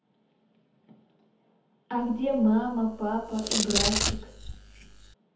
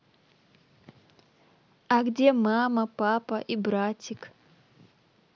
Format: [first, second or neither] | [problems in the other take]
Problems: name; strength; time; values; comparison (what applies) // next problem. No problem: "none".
second | background sound (Domestic sounds, home sounds); 2 dB below the speech // room echo; dies away in 0.6 s